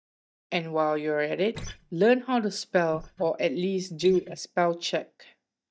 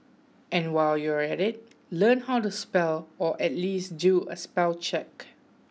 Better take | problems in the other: second | noise reduction (neural mask model DeepFilterNet 3)

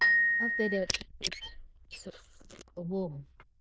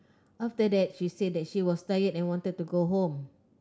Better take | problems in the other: second | noise reduction (neural diffusion model UNIVERSE++)

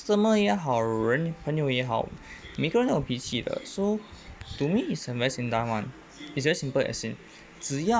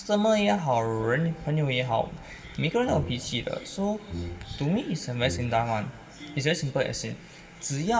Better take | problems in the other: first | background sound (Brass instrument); 11 dB below the speech // room echo; dies away in 1.8 s

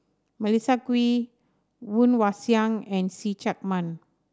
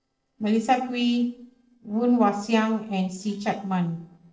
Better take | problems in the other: first | noise reduction (neural separator model SepFormer DNS4)

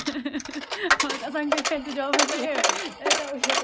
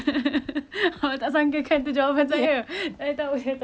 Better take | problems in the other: second | background sound (Coin (dropping)); 3 dB above the speech

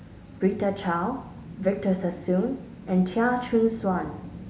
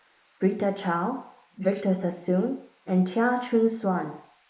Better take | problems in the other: first | noise reduction (neural mask model Resemble Enhance denoiser)

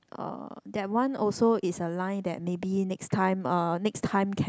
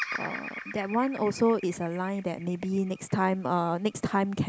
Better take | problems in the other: first | background sound (Bird vocalization, bird call, bird song); 14 dB below the speech

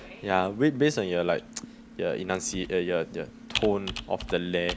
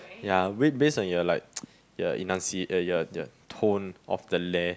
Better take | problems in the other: second | background sound (Computer keyboard); 12 dB below the speech

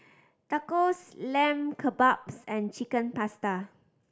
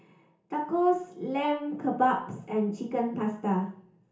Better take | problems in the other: first | room echo; dies away in 0.7 s

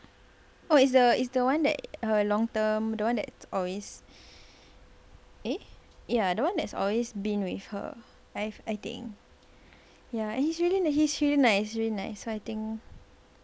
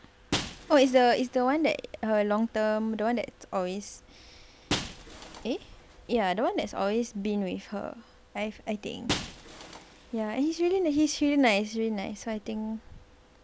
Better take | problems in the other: first | background sound (Shatter); 13 dB below the speech

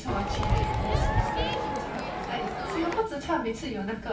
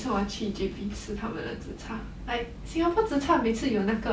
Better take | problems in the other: second | background sound (Crowd); 5 dB above the speech // room echo; dies away in 1.9 s

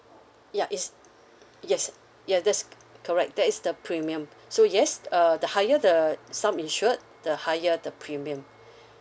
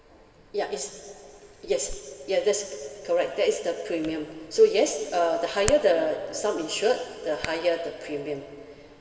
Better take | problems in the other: first | background sound (Hands); 17 dB below the speech // room echo; dies away in 2.5 s

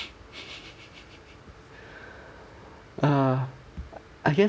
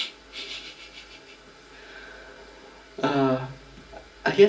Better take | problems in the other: first | room echo; dies away in 0.3 s

